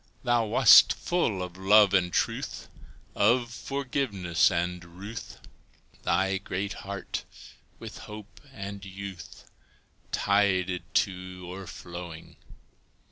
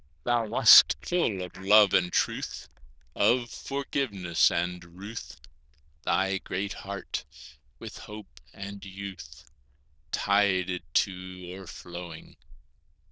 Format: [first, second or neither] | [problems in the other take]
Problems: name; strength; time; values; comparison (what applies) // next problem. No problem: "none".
first | noise reduction (neural diffusion model UNIVERSE++)